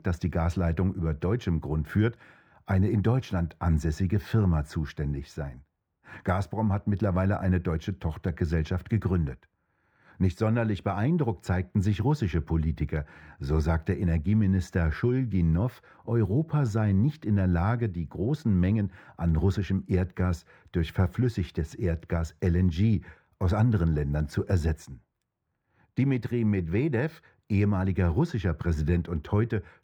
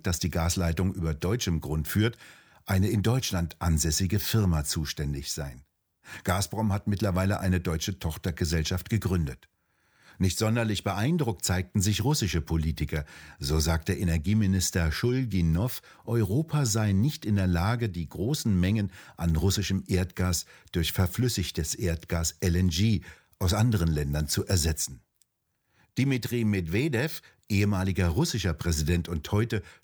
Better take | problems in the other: second | muffled; very; fading above 3 kHz

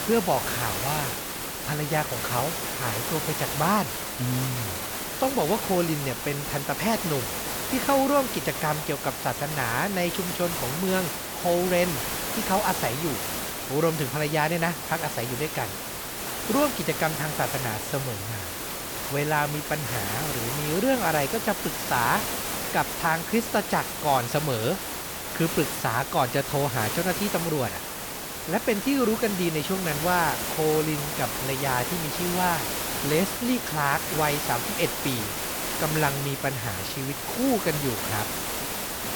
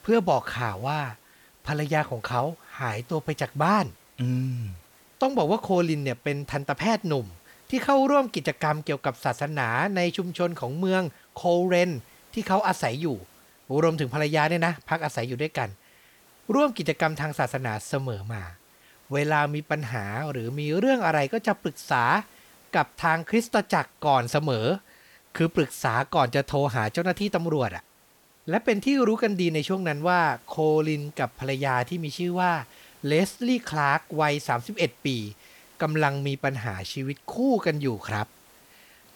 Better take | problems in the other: second | hiss; loud; throughout; 2 dB below the speech; faint in the second

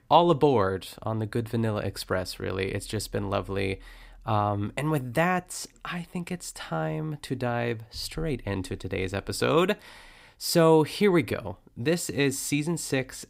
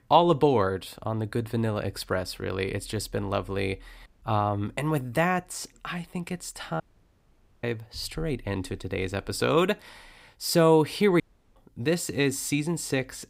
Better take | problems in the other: first | audio cutting out; at 4 s, at 7 s for 1 s and at 11 s

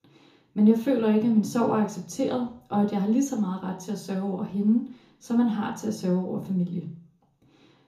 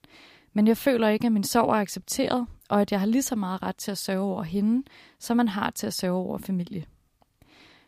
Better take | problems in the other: second | room echo; slight; dies away in 0.6 s // off-mic speech; far

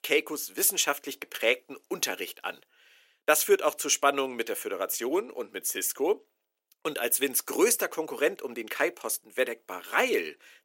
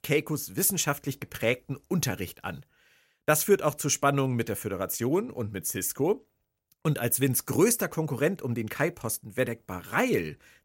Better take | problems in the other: second | thin; somewhat; fading below 350 Hz

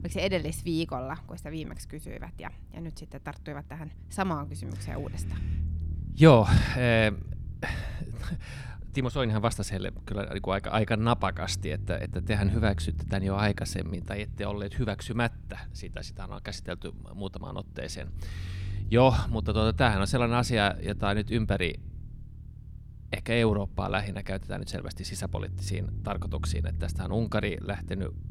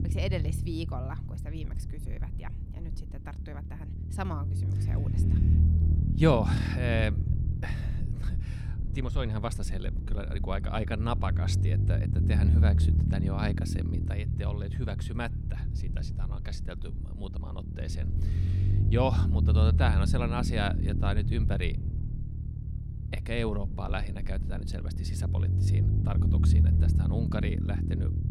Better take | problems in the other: first | low rumble; loud; throughout; 7 dB below the speech; faint in the first

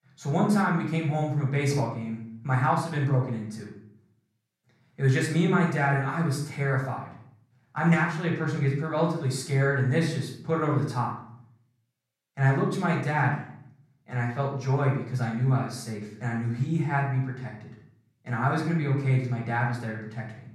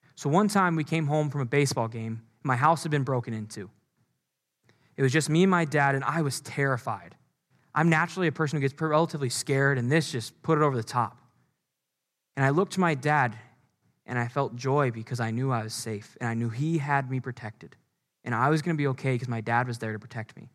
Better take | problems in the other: second | off-mic speech; far // room echo; noticeable; dies away in 0.6 s

